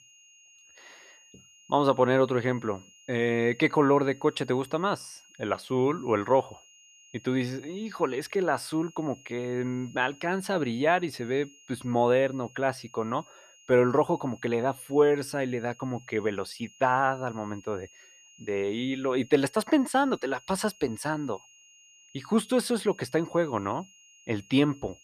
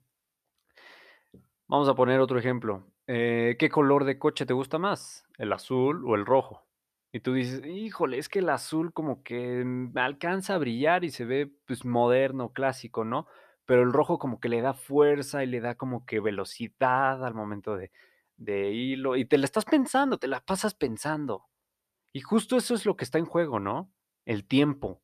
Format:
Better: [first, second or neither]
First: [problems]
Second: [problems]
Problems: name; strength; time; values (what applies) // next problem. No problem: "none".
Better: second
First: high-pitched whine; faint; throughout; 3 kHz, 25 dB below the speech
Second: none